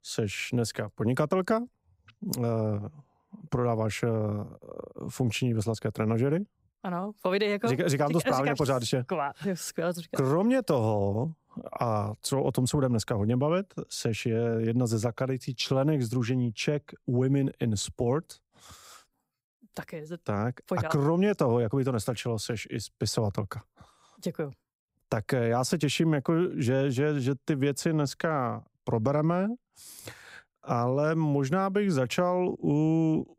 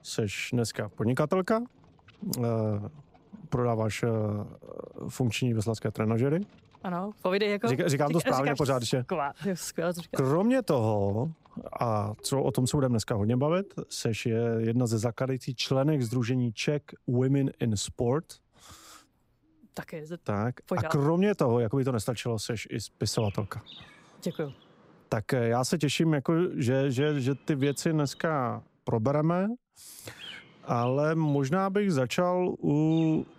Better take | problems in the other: first | animal sounds; faint; throughout; 25 dB below the speech

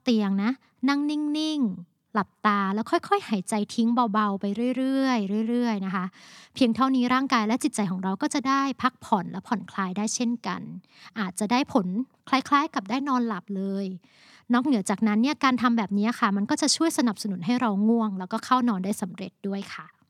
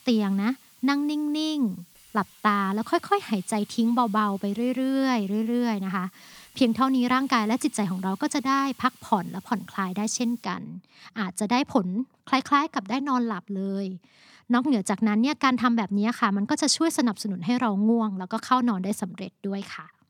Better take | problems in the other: first | hiss; faint; until 10 s; 25 dB below the speech

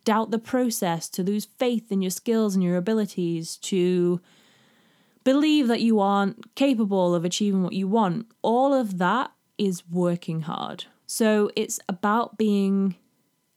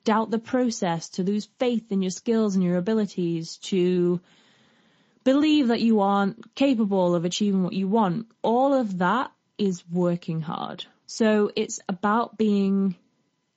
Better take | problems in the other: first | garbled, watery; slightly; nothing above 7.5 kHz

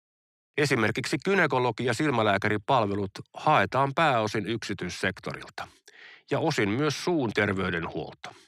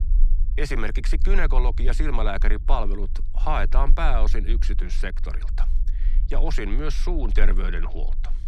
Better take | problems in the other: first | low rumble; faint; throughout; 20 dB below the speech

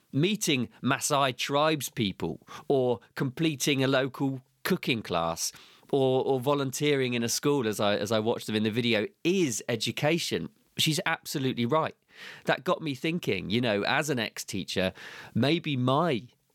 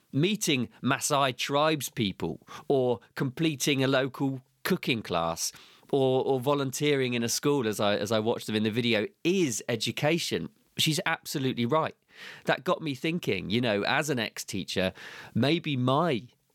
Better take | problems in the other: neither | none

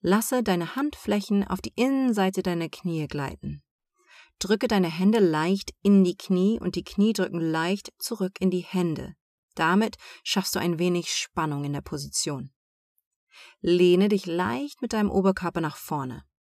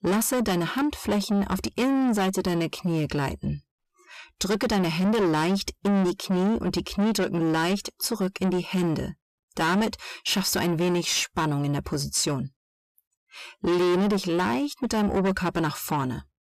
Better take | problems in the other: first | distortion; heavy; 7 dB below the speech

